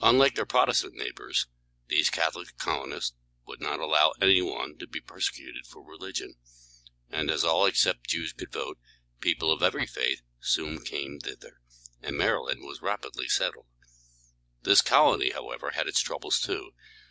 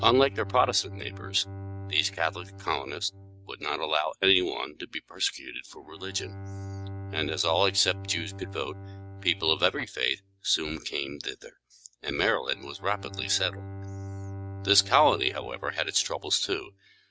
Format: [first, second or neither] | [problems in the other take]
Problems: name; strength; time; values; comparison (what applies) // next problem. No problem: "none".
first | noise reduction (neural mask model RNNoise)